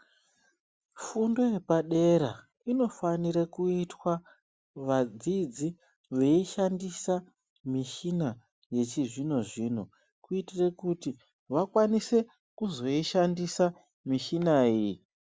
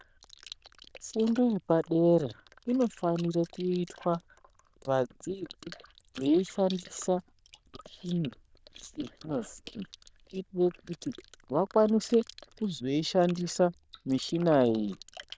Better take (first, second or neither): first